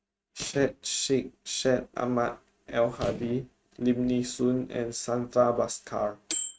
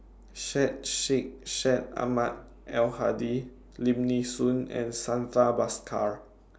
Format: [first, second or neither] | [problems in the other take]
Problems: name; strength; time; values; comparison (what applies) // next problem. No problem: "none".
second | noise reduction (neural mask model RNNoise)